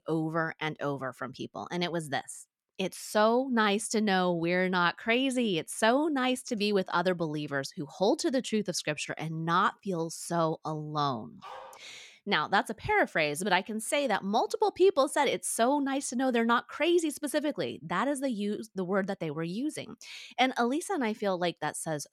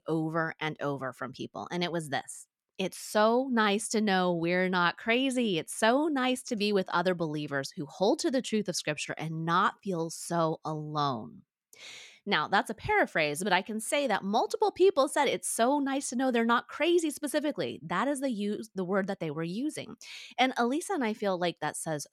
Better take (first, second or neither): second